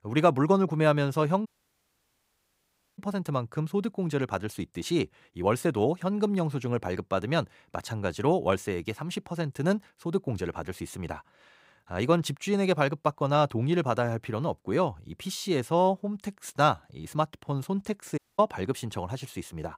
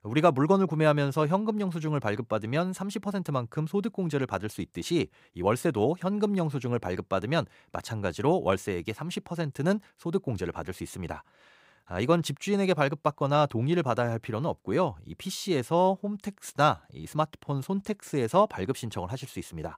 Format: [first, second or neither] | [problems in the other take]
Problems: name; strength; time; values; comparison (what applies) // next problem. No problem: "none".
second | audio cutting out; at 1.5 s for 1.5 s and at 18 s